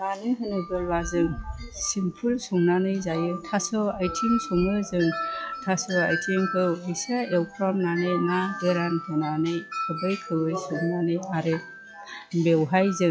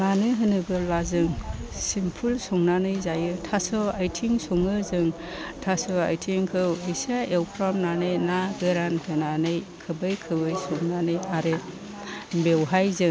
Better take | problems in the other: second | noise reduction (classical method log-MMSE)

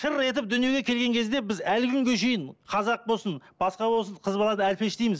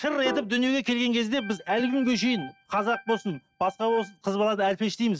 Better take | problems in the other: first | noise reduction (neural mask model RNNoise)

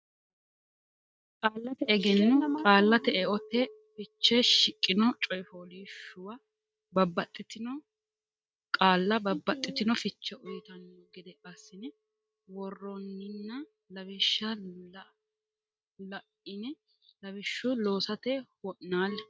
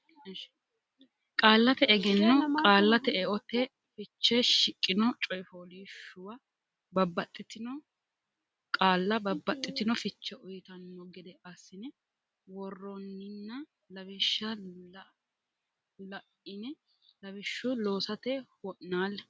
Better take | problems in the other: second | noise reduction (neural mask model DeepFilterNet 3)

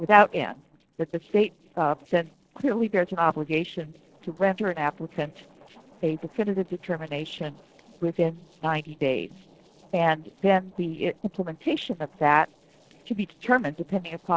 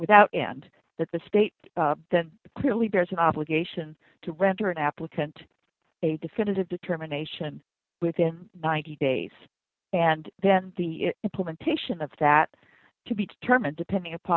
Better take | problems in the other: second | noise reduction (neural separator model SepFormer DNS4)

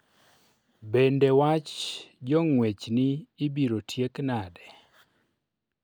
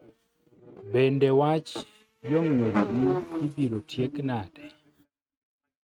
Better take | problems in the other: first | noise reduction (neural mask model RNNoise)

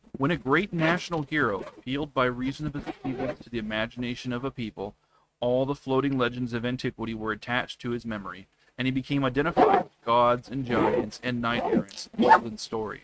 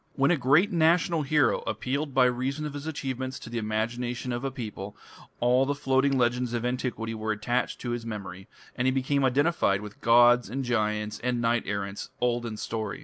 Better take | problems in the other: second | noise reduction (neural mask model RNNoise)

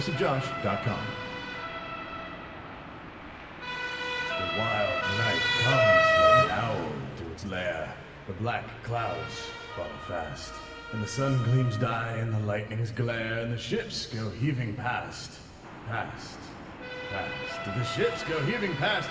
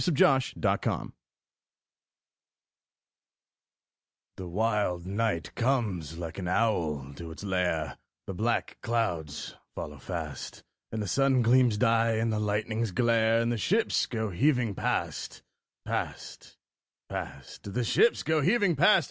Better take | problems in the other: second | background sound (Motor vehicle (road) / Siren); as loud as the speech // room echo; dies away in 2 s

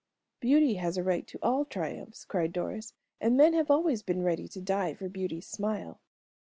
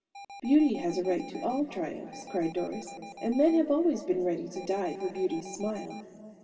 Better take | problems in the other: first | background sound (Alarm); 16 dB below the speech // room echo; dies away in 3 s

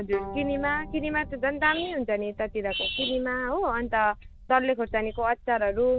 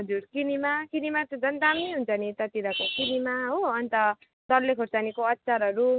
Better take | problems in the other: second | background sound (Wind + Bowed string instrument); 14 dB below the speech

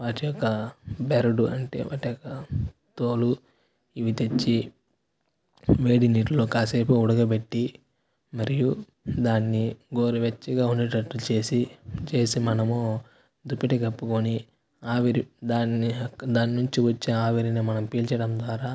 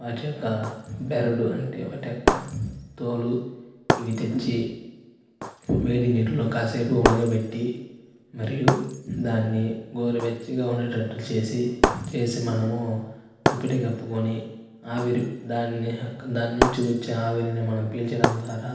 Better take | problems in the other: first | background sound (Shatter); 4 dB below the speech // room echo; dies away in 0.9 s

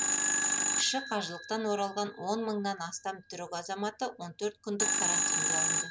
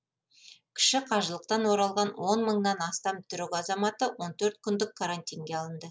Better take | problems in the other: second | background sound (Telephone); 3 dB above the speech

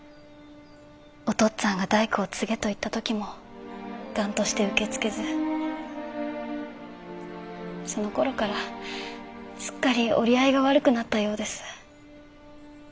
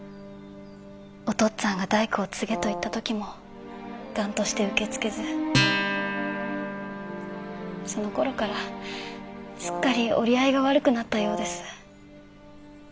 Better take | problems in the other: first | background sound (Acoustic guitar + Brass instrument); 7 dB below the speech

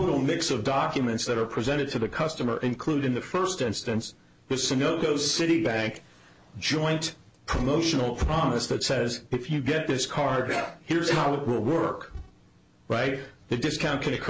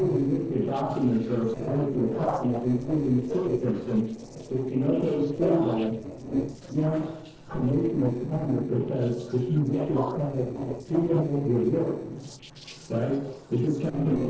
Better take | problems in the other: first | noise reduction (neural separator model SepFormer DNS4)

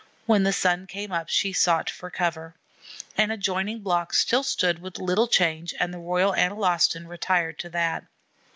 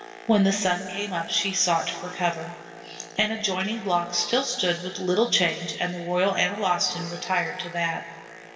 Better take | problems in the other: first | background sound (Boat, Water vehicle); 19 dB below the speech // room echo; dies away in 2.3 s

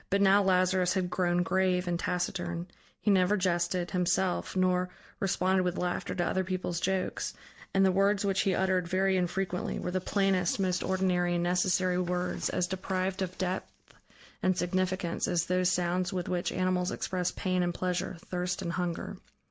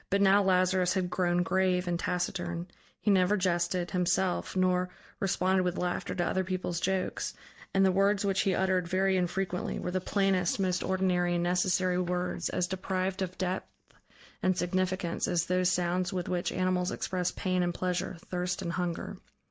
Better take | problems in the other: first | noise reduction (neural mask model DeepFilterNet 3)

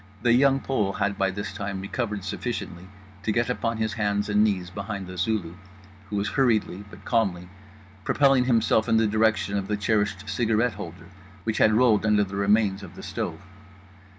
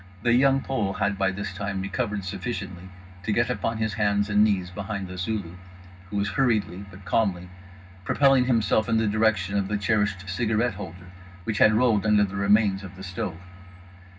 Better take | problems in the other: first | room echo; dies away in 0.4 s

